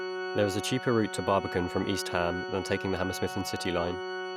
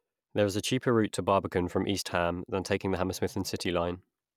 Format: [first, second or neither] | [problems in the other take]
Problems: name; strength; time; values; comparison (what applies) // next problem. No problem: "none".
second | background sound (Organ); 6 dB below the speech